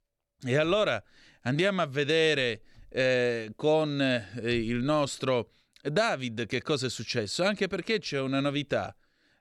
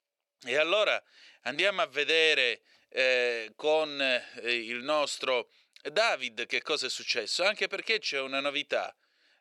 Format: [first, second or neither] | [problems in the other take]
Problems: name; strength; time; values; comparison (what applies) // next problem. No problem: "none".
first | thin; somewhat; fading below 550 Hz